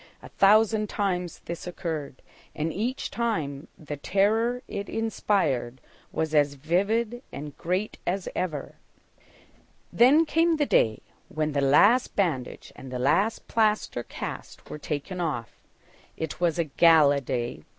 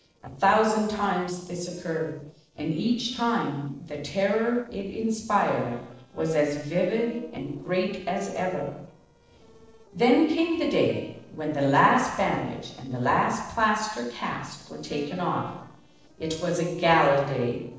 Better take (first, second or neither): first